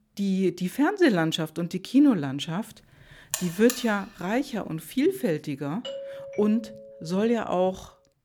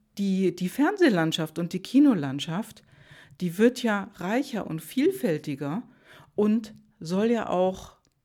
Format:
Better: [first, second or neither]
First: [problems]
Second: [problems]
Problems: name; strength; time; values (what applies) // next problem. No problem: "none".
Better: second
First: alarm; noticeable; at 3.5 s; peak 5 dB below the speech // doorbell; faint; from 6 to 7.5 s; peak 10 dB below the speech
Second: none